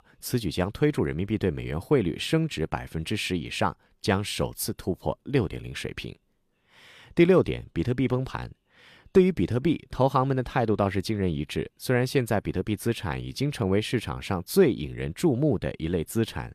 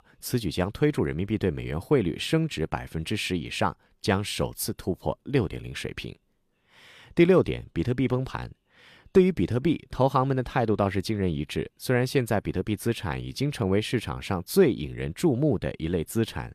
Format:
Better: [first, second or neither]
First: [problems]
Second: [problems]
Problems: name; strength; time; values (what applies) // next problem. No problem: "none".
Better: neither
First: none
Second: none